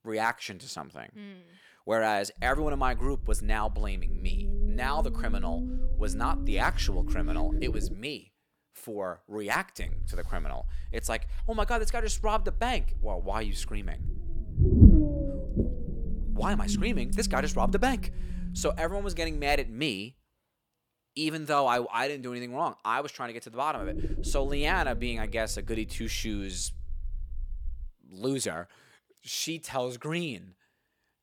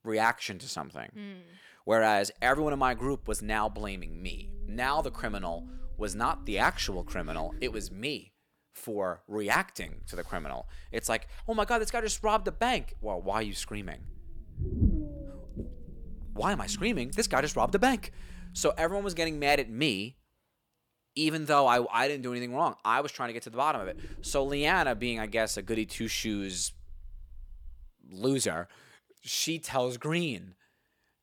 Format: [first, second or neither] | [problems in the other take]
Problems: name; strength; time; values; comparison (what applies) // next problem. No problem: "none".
second | low rumble; loud; from 2.5 to 8 s, from 10 to 20 s and from 24 to 28 s; 8 dB below the speech; faint in the second